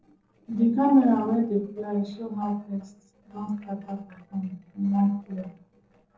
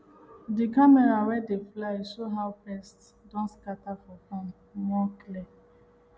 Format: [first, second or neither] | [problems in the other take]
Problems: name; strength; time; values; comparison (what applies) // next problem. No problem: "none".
second | noise reduction (neural separator model SepFormer DNS4)